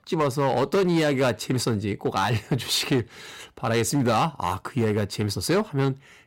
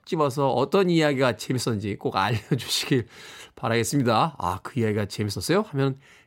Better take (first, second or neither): second